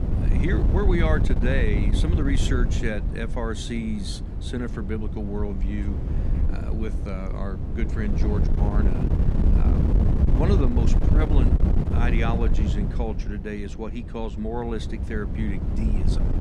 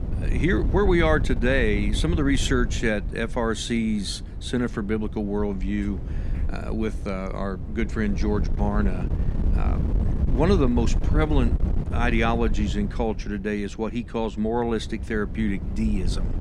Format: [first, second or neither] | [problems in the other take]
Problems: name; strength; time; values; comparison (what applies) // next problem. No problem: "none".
second | wind noise on the microphone; heavy; 4 dB below the speech; occasional gusts in the second